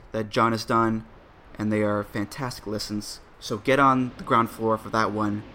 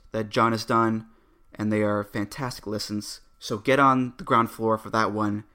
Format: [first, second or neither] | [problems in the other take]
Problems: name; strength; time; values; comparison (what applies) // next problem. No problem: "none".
second | train or aircraft noise; faint; throughout; 25 dB below the speech